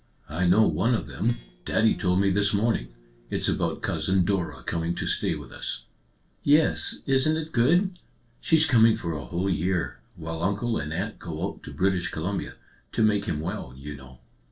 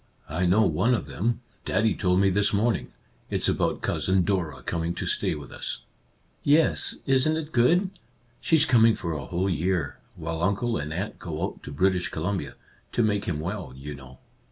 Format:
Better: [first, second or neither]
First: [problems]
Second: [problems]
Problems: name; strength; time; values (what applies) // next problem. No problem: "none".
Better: second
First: noise reduction (neural separator model SepFormer DNS4)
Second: none